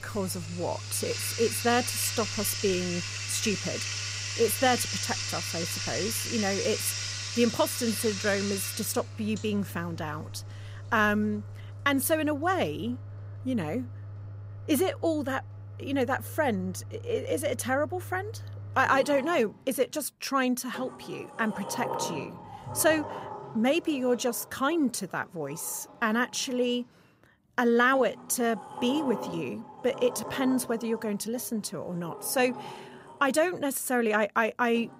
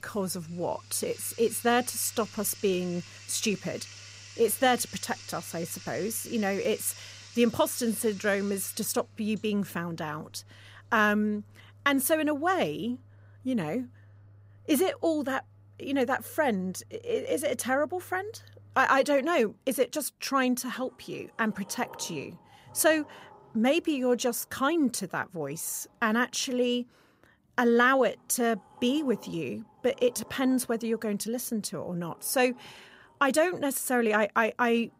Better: second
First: household noises; loud; throughout; 7 dB below the speech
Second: household noises; faint; throughout; 20 dB below the speech

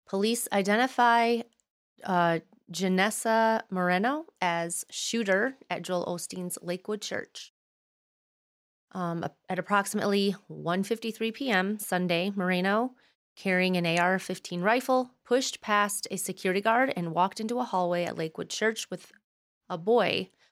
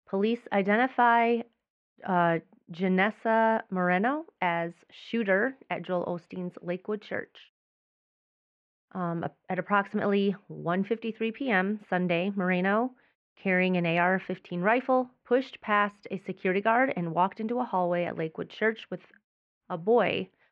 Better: first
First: none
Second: muffled; very; fading above 2.5 kHz

